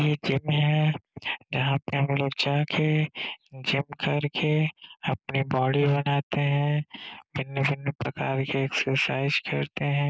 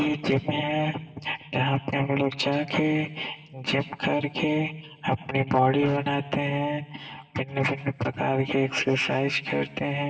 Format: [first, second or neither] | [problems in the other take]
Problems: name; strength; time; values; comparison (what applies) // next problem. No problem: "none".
first | room echo; dies away in 2.7 s